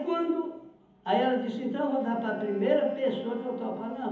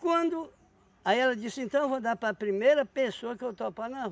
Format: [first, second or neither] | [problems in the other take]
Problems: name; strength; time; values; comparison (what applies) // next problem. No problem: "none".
second | background sound (Wind instrument, woodwind instrument); 16 dB below the speech // room echo; dies away in 1.3 s